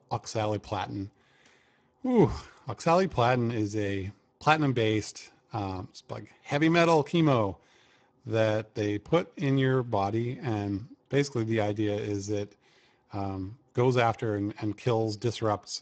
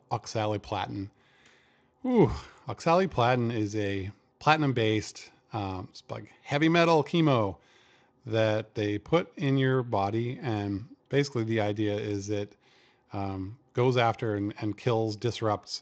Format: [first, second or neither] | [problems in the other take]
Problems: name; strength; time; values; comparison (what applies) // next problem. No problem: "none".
second | garbled, watery; badly; nothing above 7.5 kHz; slightly in the second